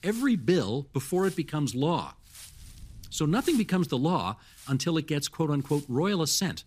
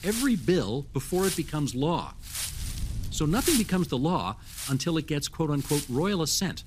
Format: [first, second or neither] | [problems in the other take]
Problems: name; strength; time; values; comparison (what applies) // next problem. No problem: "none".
first | wind noise on the microphone; heavy; 5 dB below the speech; occasional gusts in the first